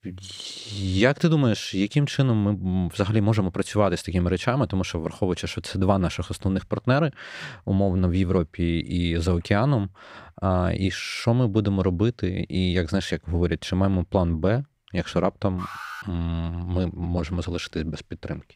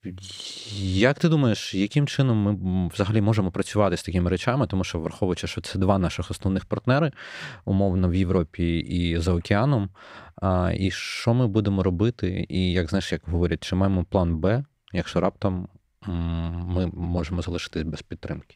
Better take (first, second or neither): second